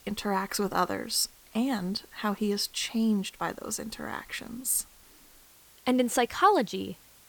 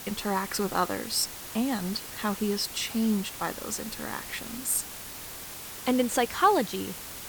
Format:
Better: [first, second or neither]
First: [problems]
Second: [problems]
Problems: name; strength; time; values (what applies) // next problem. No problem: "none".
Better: first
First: hiss; faint; throughout; 25 dB below the speech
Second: hiss; loud; throughout; 9 dB below the speech